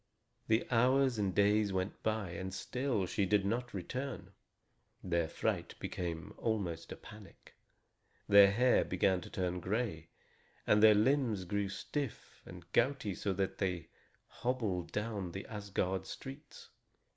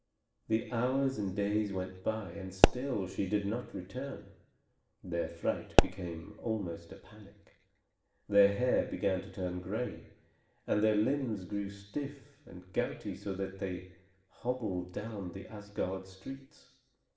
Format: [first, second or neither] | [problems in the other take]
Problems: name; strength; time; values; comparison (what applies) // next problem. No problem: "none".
first | background sound (Explosion); 4 dB above the speech // room echo; dies away in 0.8 s